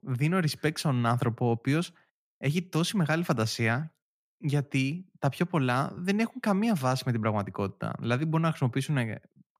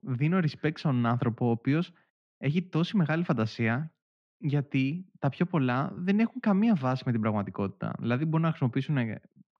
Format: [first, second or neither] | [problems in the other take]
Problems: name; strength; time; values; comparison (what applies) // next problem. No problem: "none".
first | muffled; slightly; fading above 3.5 kHz